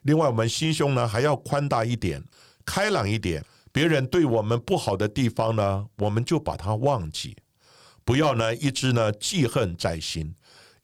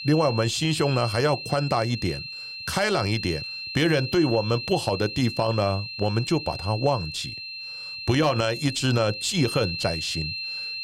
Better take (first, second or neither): first